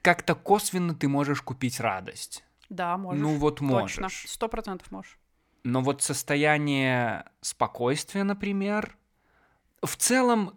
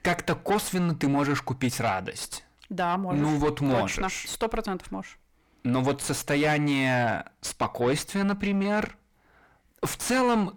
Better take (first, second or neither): first